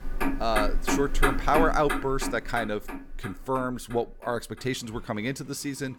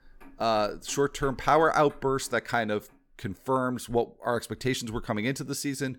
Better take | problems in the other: second | traffic noise; loud; throughout; 1 dB below the speech; faint in the second

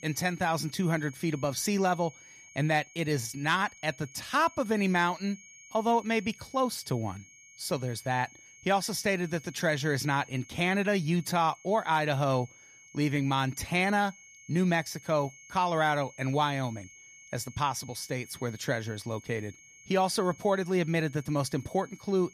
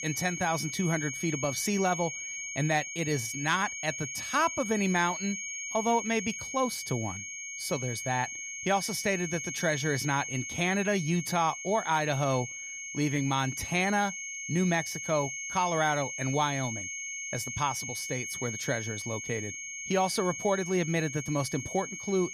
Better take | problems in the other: first | high-pitched whine; loud; throughout; 2.5 kHz, 5 dB below the speech; faint in the first

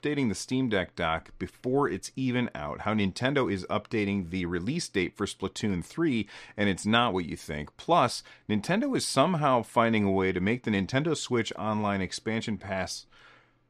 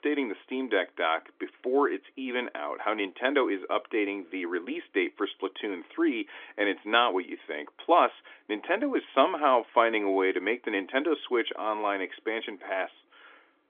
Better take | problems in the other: first | phone-call audio; nothing above 3.5 kHz

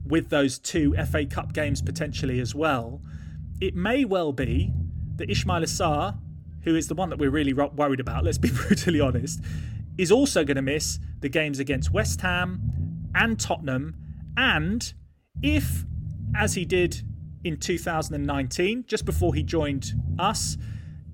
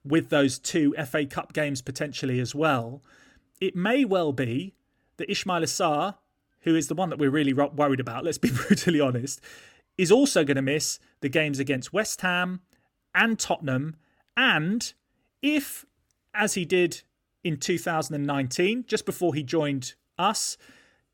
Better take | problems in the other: second | low rumble; noticeable; throughout; 20 dB below the speech

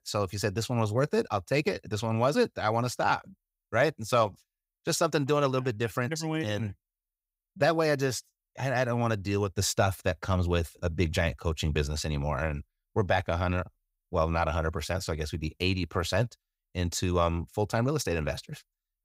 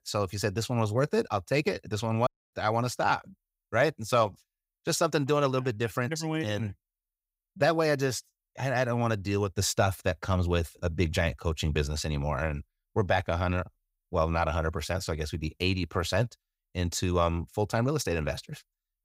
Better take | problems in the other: first | audio cutting out; at 2.5 s

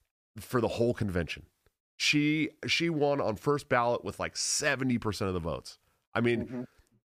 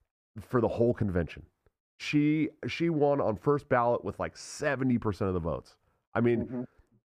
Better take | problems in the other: first | muffled; slightly; fading above 2 kHz

